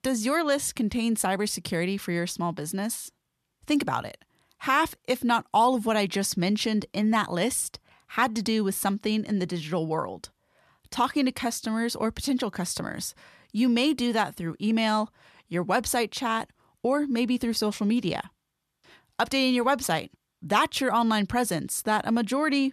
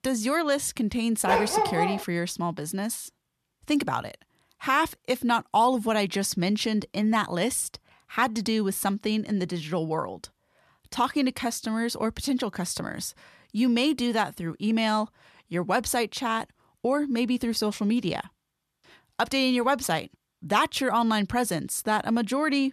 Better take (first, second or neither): first